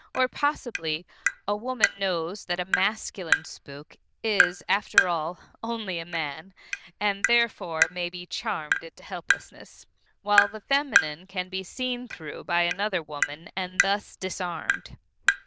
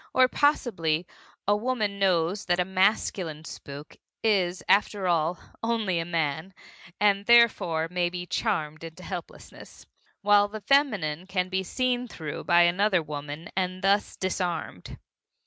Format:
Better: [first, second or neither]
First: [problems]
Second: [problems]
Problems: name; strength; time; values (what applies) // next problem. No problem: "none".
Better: second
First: noise reduction (neural diffusion model UNIVERSE++)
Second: none